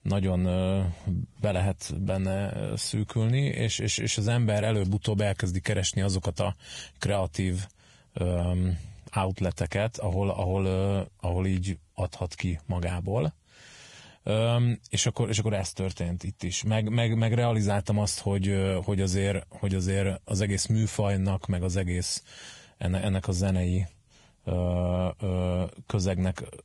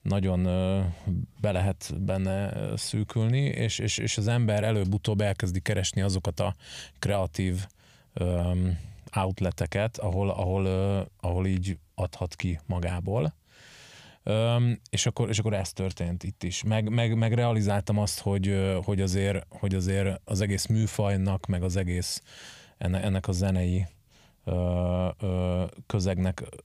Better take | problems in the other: second | garbled, watery; badly; nothing above 10.5 kHz

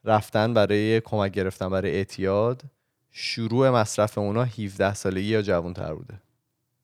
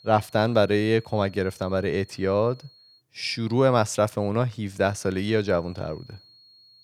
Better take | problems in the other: first | high-pitched whine; faint; until 3 s and from 5 s on; 4.5 kHz, 25 dB below the speech

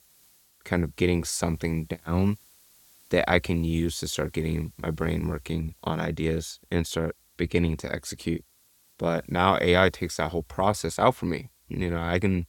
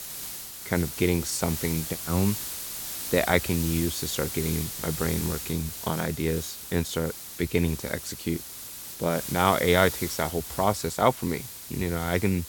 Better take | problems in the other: first | hiss; loud; throughout; 7 dB below the speech; faint in the first

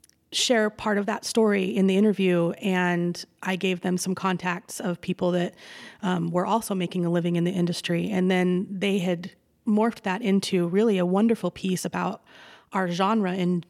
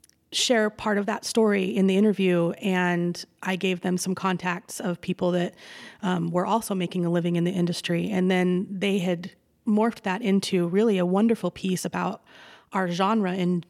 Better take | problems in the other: neither | none

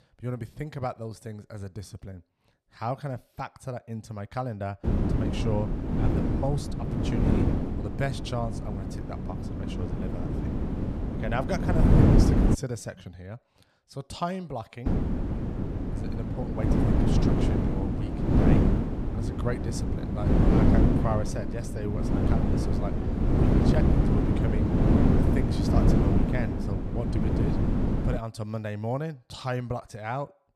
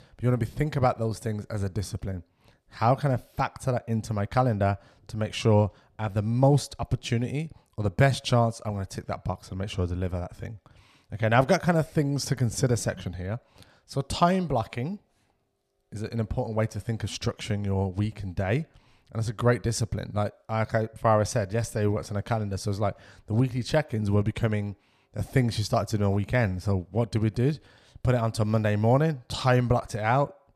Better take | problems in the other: second | wind noise on the microphone; heavy; from 5 to 13 s and from 15 to 28 s; 4 dB above the speech

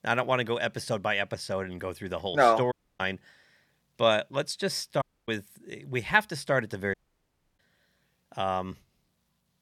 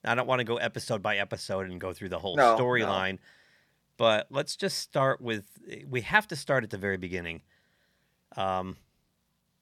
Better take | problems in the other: second | audio cutting out; at 2.5 s, at 5 s and at 7 s for 0.5 s

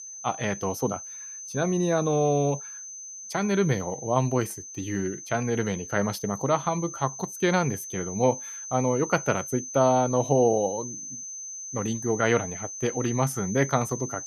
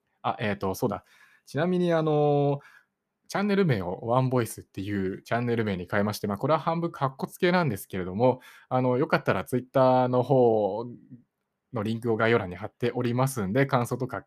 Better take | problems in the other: second | high-pitched whine; loud; throughout; 6 kHz, 10 dB below the speech

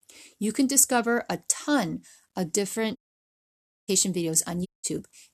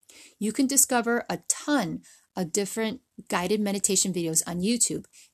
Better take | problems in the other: second | audio cutting out; at 3 s for 1 s and at 4.5 s

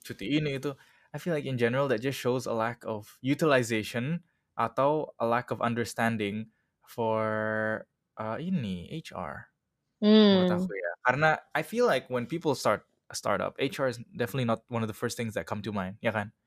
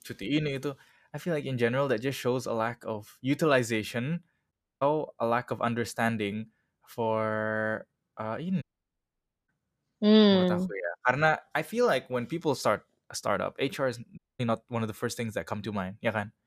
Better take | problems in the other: first | audio cutting out; at 4.5 s, at 8.5 s for 1 s and at 14 s

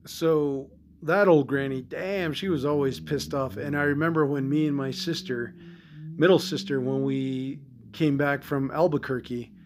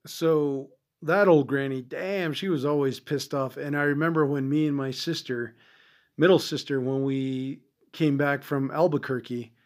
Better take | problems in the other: second | low rumble; faint; throughout; 25 dB below the speech

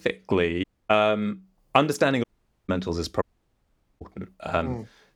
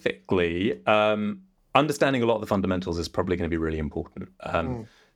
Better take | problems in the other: second | audio cutting out; at 0.5 s, at 2 s and at 3 s for 1 s

